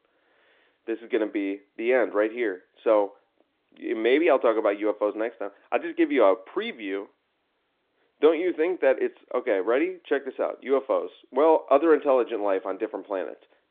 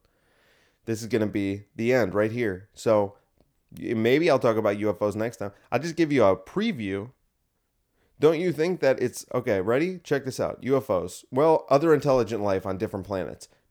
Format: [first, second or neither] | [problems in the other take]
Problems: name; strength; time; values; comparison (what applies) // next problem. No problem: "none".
second | phone-call audio